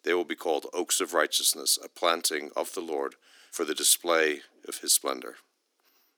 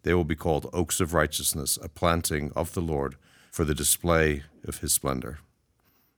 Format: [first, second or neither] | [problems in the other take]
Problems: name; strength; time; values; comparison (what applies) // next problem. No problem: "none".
second | thin; somewhat; fading below 300 Hz